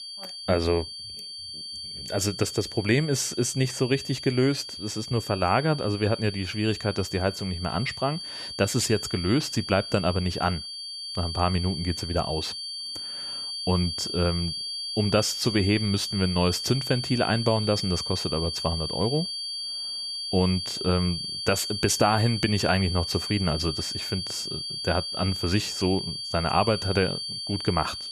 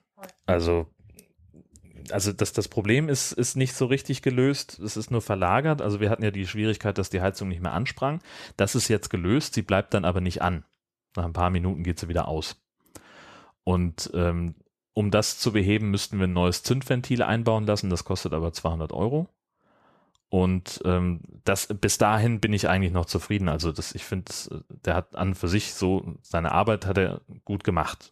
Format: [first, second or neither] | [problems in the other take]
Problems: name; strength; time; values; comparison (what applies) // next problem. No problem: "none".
second | high-pitched whine; loud; throughout; 4.5 kHz, 5 dB below the speech